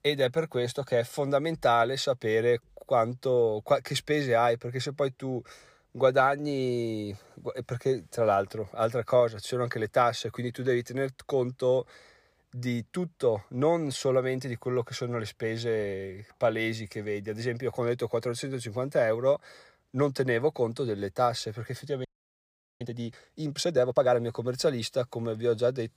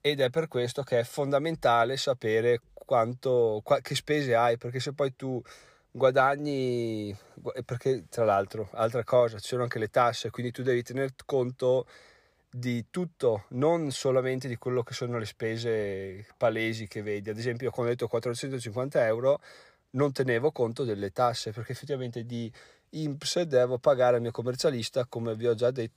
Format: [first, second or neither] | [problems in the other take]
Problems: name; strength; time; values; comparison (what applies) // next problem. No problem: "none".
second | audio freezing; at 22 s for 1 s